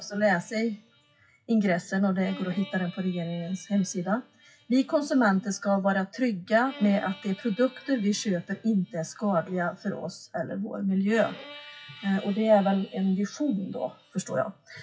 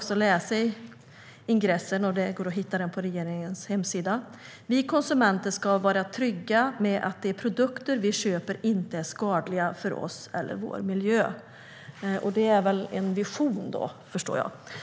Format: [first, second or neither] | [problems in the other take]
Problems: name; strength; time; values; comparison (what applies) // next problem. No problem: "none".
second | noise reduction (classical method WPE with log-MMSE)